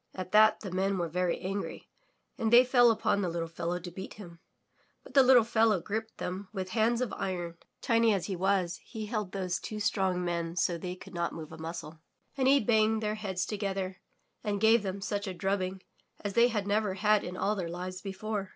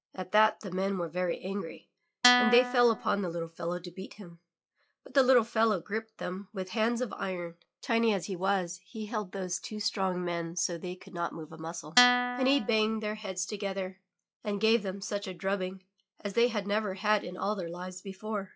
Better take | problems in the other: first | noise reduction (classical method log-MMSE)

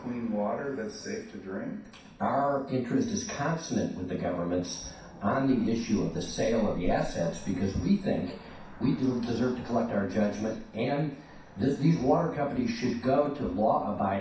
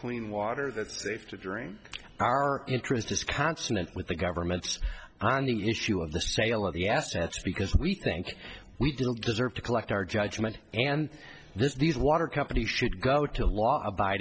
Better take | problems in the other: second | background sound (Cricket / Motor vehicle (road)); 17 dB below the speech // room echo; dies away in 0.6 s

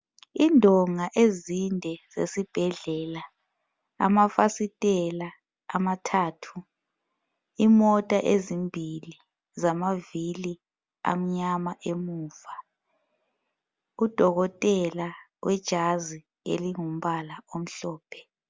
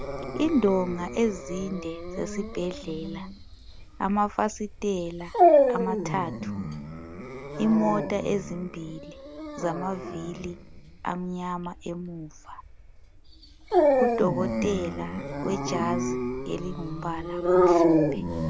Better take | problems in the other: first | background sound (Dog); 3 dB above the speech

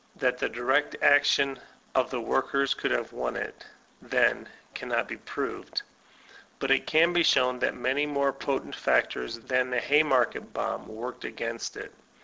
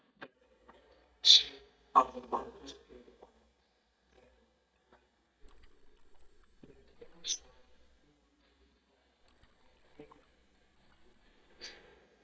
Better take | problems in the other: first | noise reduction (neural mask model DeepFilterNet 3)

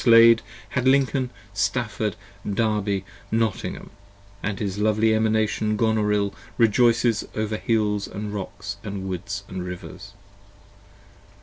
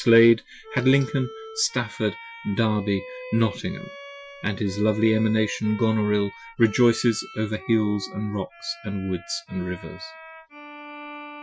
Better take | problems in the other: first | noise reduction (classical method Wiener filter)

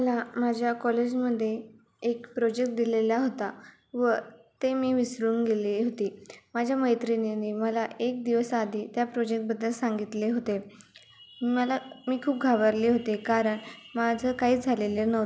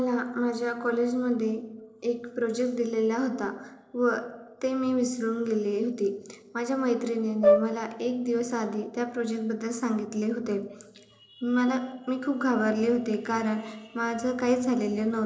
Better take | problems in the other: first | noise reduction (neural separator model SepFormer DNS4)

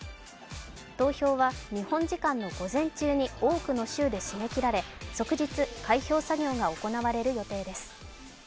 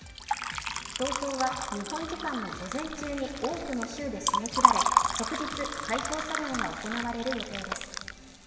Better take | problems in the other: first | background sound (Liquid); 3 dB above the speech // room echo; dies away in 2.1 s

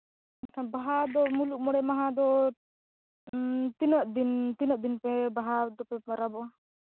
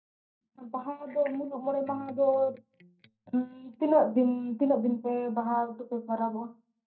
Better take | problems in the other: first | noise reduction (neural mask model DeepFilterNet 3)

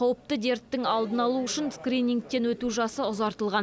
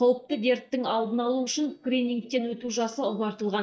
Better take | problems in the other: first | noise reduction (neural mask model DeepFilterNet 3)

